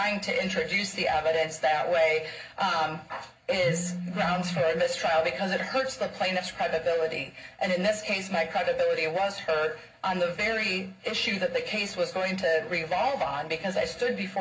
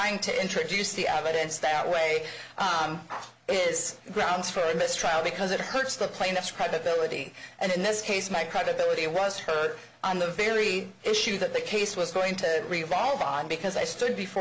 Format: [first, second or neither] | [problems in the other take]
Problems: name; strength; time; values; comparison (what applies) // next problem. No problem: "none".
second | background sound (Telephone); 5 dB below the speech // room echo; dies away in 0.4 s